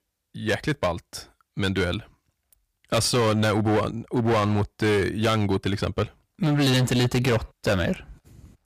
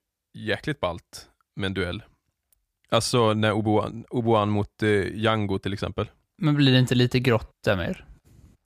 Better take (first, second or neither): second